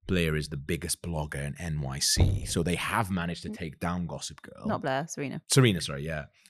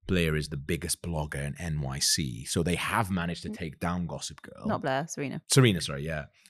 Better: second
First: door banging; loud; at 2 s; peak 2 dB above the speech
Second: none

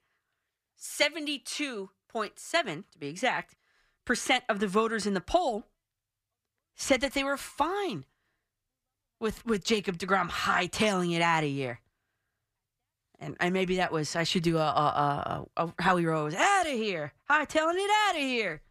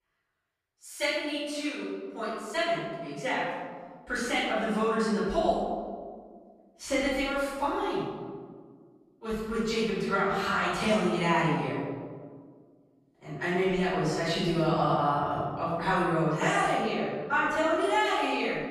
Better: first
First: none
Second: room echo; strong; dies away in 1.6 s // off-mic speech; far

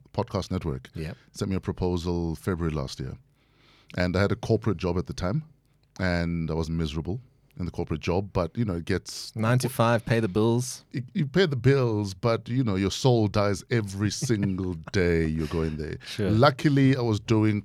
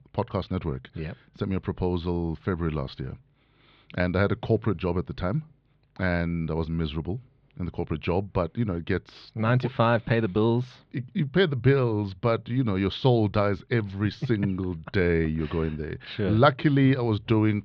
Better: first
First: none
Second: muffled; slightly; fading above 3.5 kHz

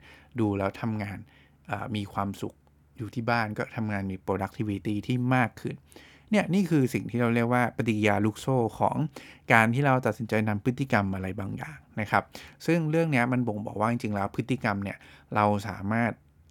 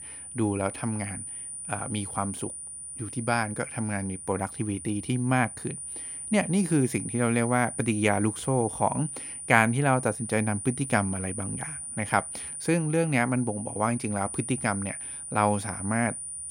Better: first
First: none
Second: high-pitched whine; loud; throughout; 9.5 kHz, 8 dB below the speech

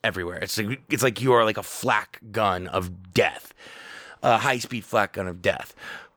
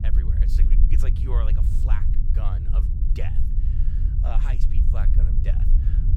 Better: first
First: none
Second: low rumble; loud; throughout; 1 dB below the speech

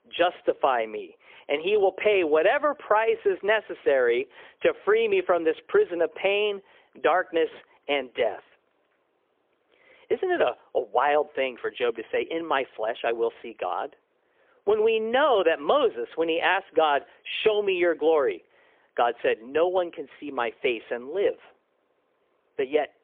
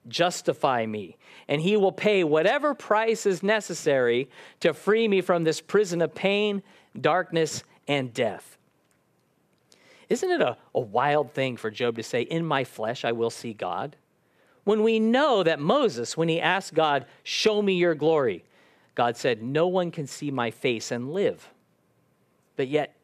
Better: second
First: phone-call audio; poor line; nothing above 3.5 kHz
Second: none

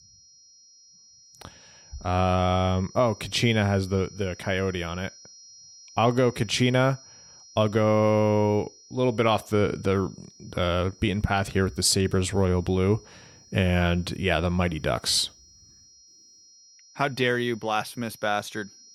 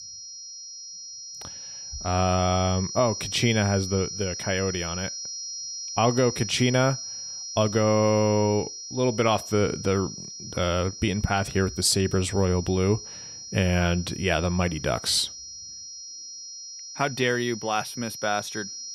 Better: first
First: high-pitched whine; faint; throughout; 5.5 kHz, 25 dB below the speech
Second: high-pitched whine; loud; throughout; 5.5 kHz, 9 dB below the speech

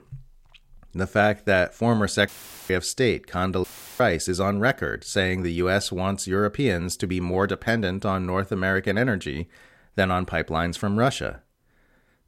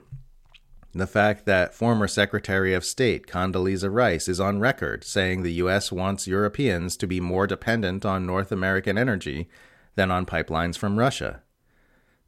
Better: second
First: audio cutting out; filled with static; at 2.5 s and at 3.5 s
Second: none

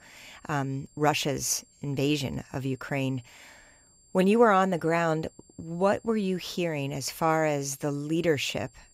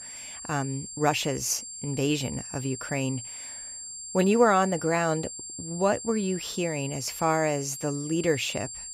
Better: first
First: high-pitched whine; faint; throughout; 7.5 kHz, 30 dB below the speech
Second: high-pitched whine; loud; throughout; 7.5 kHz, 9 dB below the speech

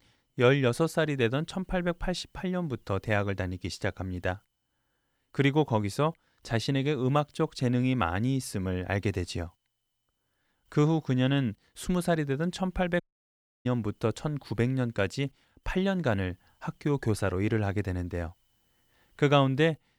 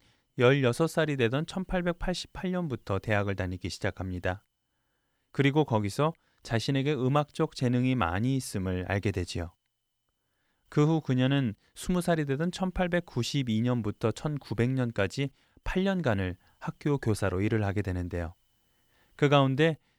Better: second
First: audio cutting out; at 13 s for 0.5 s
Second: none

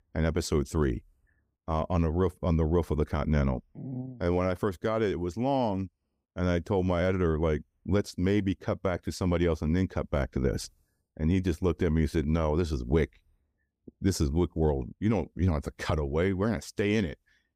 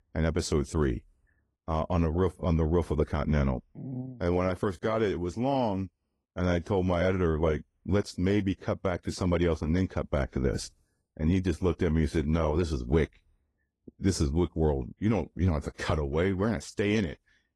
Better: first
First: none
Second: garbled, watery; slightly; nothing above 11.5 kHz

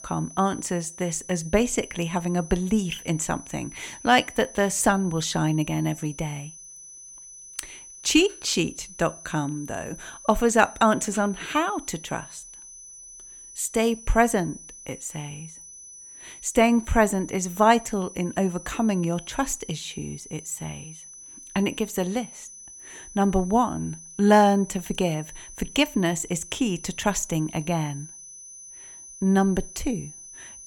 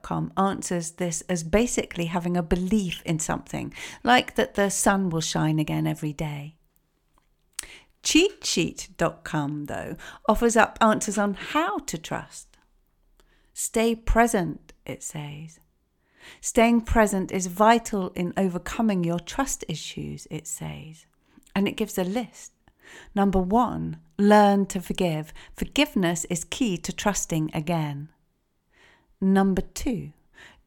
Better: second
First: high-pitched whine; noticeable; throughout; 6 kHz, 15 dB below the speech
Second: none

